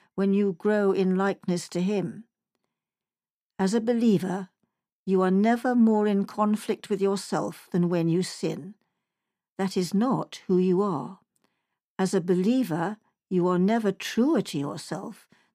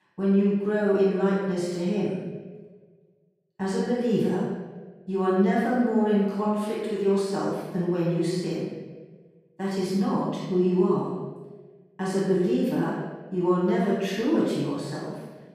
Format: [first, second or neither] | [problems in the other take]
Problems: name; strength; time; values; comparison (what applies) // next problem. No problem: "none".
first | room echo; strong; dies away in 1.2 s // off-mic speech; far